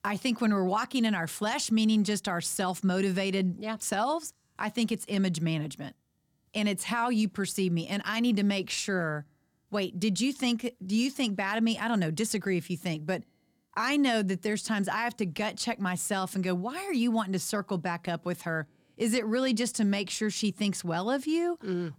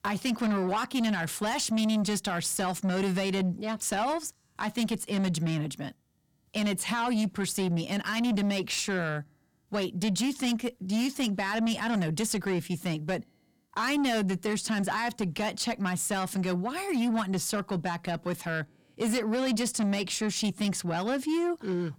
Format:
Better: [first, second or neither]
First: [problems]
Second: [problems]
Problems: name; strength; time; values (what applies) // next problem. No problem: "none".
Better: first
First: none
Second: distortion; slight; 10 dB below the speech